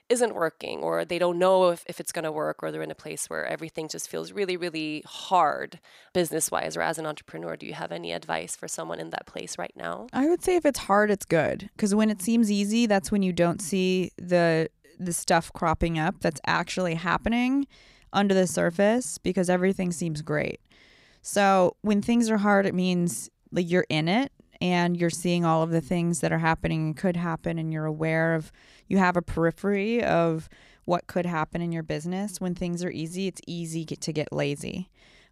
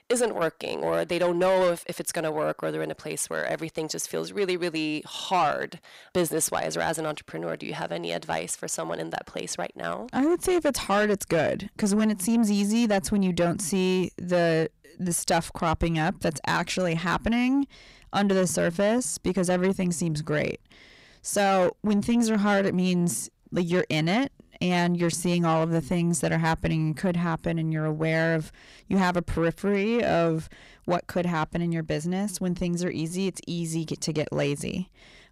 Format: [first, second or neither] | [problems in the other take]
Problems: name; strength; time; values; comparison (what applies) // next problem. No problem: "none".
first | distortion; slight; 10 dB below the speech